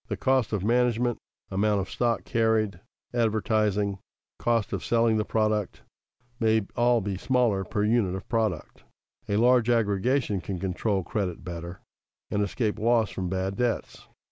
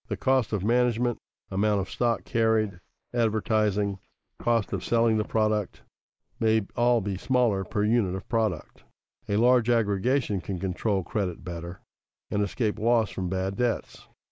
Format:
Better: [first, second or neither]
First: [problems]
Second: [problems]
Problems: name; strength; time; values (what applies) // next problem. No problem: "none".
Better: first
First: none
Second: noise reduction (neural mask model Resemble Enhance denoiser)